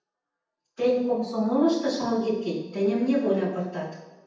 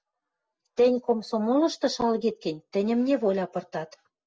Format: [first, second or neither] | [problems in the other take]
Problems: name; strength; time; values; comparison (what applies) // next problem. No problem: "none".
second | room echo; dies away in 0.9 s